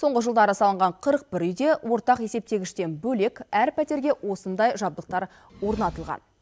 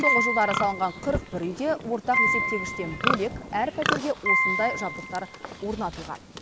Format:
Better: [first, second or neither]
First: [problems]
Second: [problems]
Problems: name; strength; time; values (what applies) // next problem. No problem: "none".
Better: first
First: none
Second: background sound (Piano + Livestock, farm animals, working animals); 1 dB above the speech